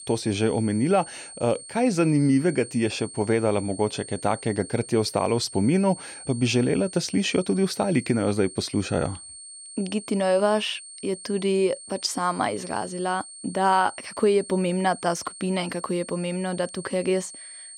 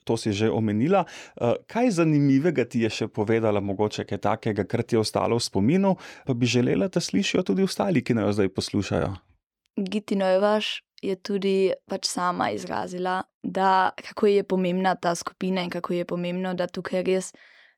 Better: second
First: high-pitched whine; noticeable; throughout; 8.5 kHz, 15 dB below the speech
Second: none

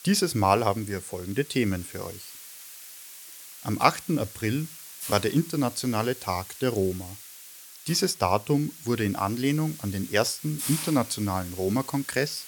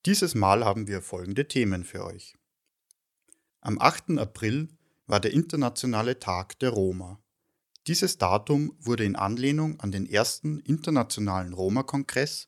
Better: second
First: hiss; noticeable; throughout; 15 dB below the speech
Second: none

